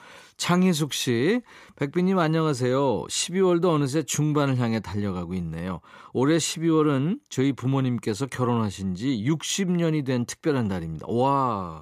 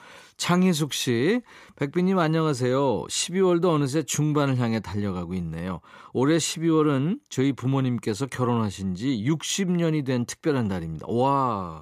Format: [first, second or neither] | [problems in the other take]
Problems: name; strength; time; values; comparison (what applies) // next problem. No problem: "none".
neither | none